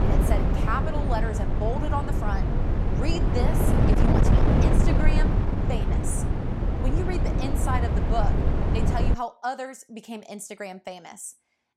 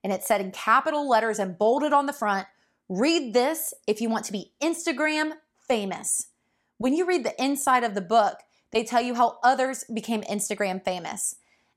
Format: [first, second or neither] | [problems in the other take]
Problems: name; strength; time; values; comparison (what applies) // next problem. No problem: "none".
second | wind noise on the microphone; heavy; until 9 s; as loud as the speech